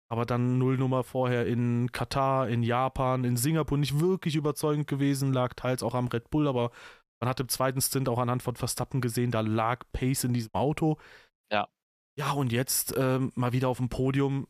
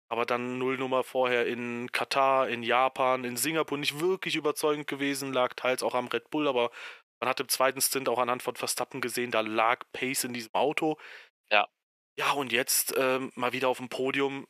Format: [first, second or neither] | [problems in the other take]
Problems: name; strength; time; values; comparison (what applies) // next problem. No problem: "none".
first | thin; somewhat; fading below 450 Hz